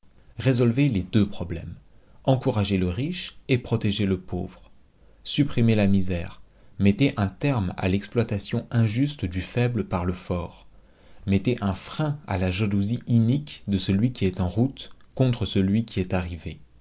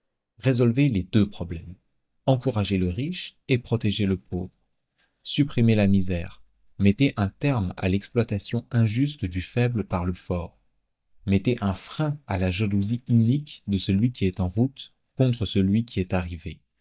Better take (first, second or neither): first